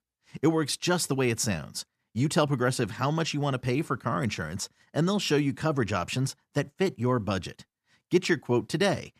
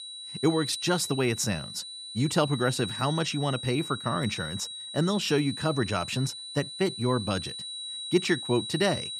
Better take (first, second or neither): first